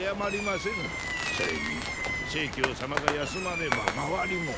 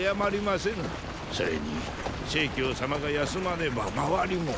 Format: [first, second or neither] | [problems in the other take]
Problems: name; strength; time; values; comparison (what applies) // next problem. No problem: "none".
second | background sound (Fireworks); 1 dB below the speech